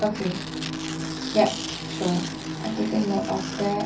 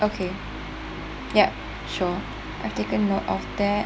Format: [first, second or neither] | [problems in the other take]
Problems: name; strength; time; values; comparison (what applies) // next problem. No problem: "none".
second | background sound (Tearing); 11 dB below the speech // room echo; dies away in 0.3 s